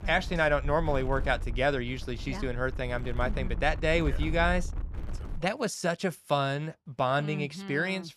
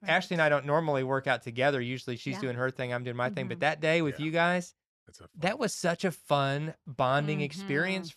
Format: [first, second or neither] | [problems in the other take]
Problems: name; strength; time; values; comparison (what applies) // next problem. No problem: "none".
second | wind noise on the microphone; occasional gusts; until 5.5 s; 20 dB below the speech